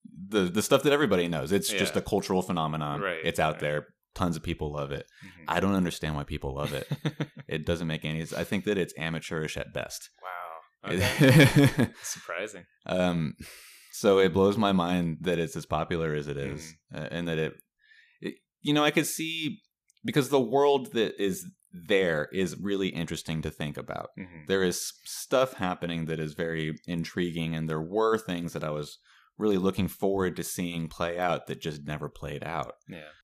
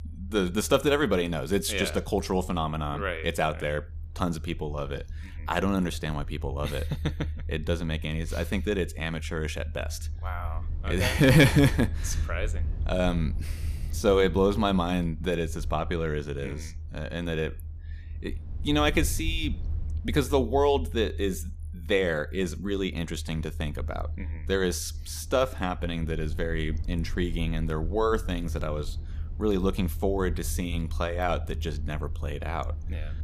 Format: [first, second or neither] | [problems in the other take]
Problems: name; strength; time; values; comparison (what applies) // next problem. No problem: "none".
first | low rumble; faint; throughout; 25 dB below the speech